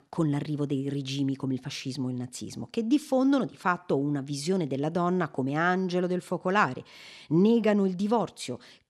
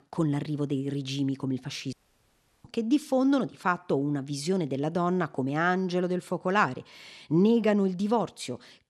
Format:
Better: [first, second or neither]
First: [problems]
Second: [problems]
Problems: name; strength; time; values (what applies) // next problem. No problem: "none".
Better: first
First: none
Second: audio cutting out; at 2 s for 0.5 s